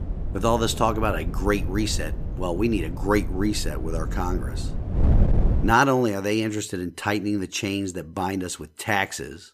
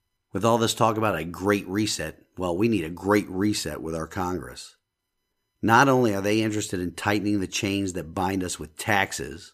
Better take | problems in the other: second | wind noise on the microphone; occasional gusts; until 5.5 s; 15 dB below the speech

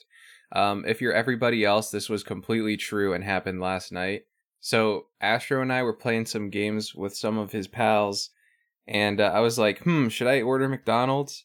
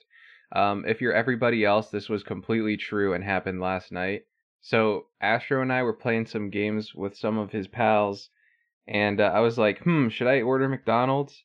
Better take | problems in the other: first | muffled; slightly; fading above 3 kHz

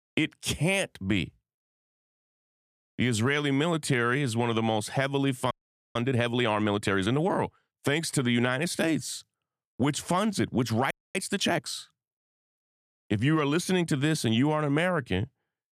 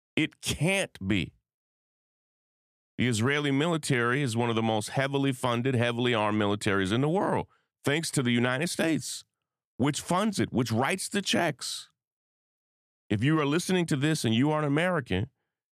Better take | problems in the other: second | audio freezing; at 5.5 s and at 11 s

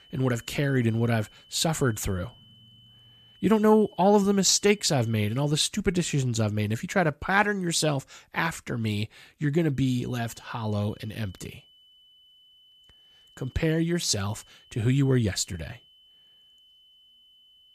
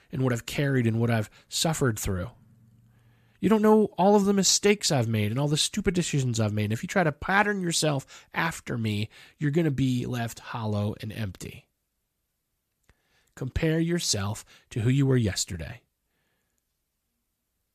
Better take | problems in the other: second | high-pitched whine; faint; until 5.5 s and from 10 s on; 3 kHz, 30 dB below the speech

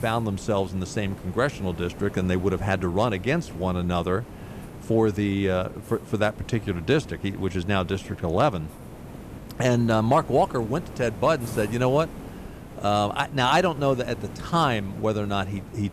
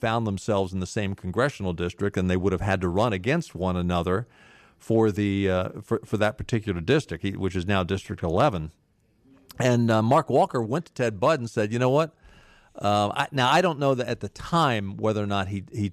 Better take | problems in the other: second | hiss; noticeable; throughout; 15 dB below the speech

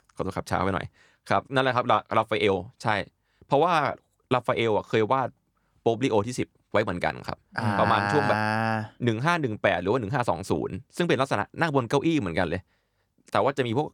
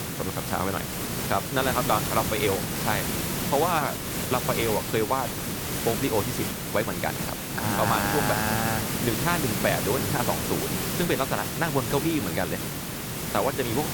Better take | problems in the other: first | hiss; loud; throughout; 1 dB below the speech

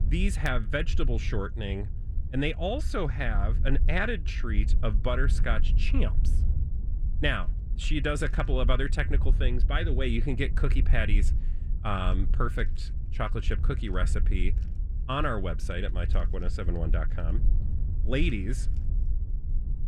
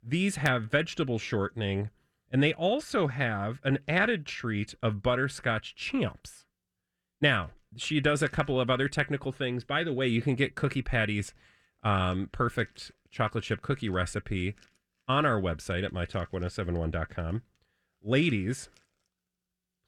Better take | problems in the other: second | wind noise on the microphone; occasional gusts; 15 dB below the speech

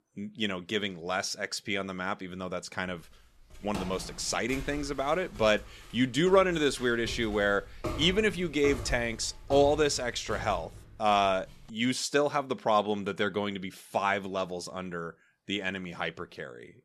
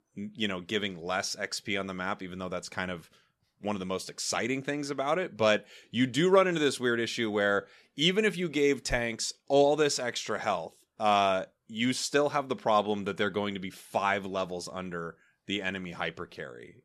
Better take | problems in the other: second | footsteps; noticeable; from 3.5 to 12 s; peak 7 dB below the speech

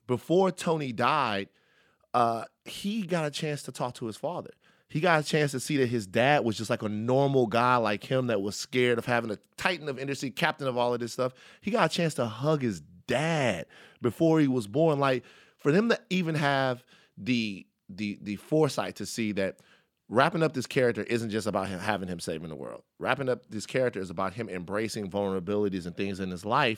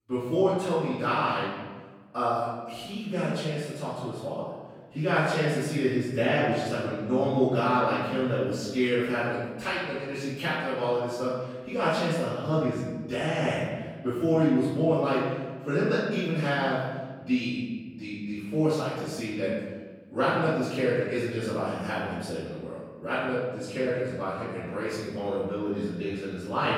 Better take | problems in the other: first | off-mic speech; far // room echo; strong; dies away in 1.3 s

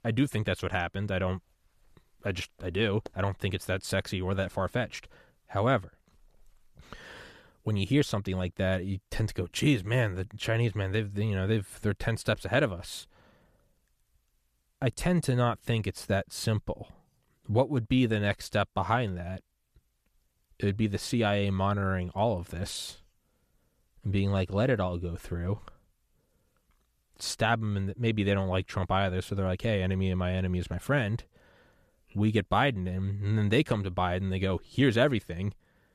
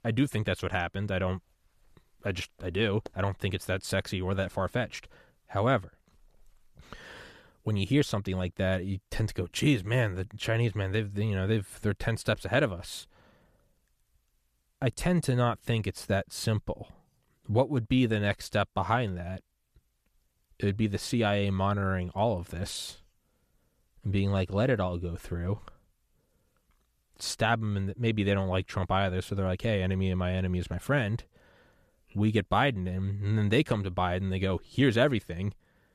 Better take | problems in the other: neither | none

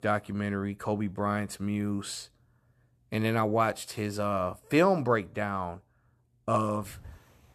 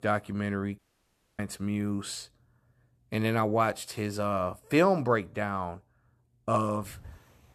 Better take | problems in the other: first | audio cutting out; at 1 s for 0.5 s

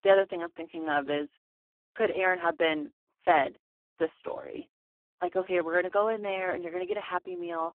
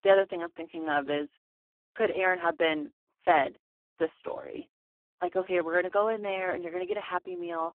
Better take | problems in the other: neither | phone-call audio; poor line; the same in both

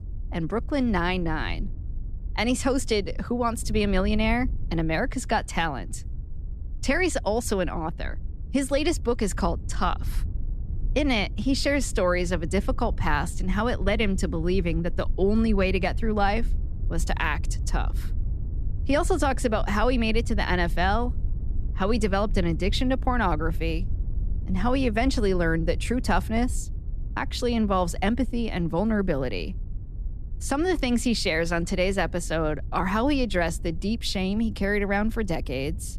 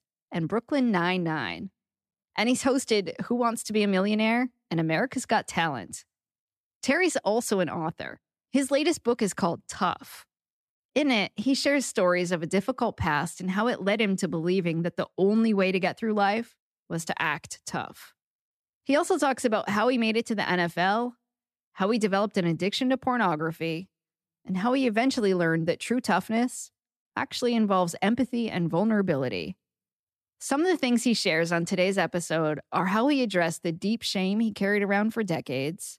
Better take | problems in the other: second | wind noise on the microphone; occasional gusts; 25 dB below the speech

